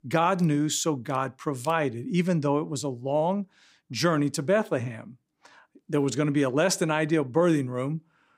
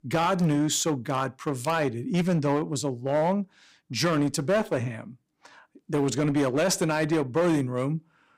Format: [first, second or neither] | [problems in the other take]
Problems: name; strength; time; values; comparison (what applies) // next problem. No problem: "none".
first | distortion; slight; 8% of the sound clipped